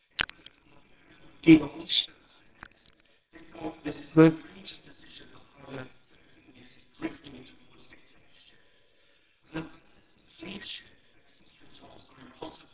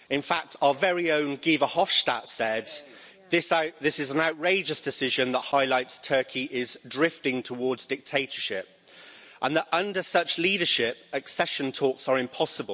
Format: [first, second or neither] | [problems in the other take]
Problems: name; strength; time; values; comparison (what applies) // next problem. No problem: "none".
second | noise reduction (neural separator model SepFormer WHAMR!)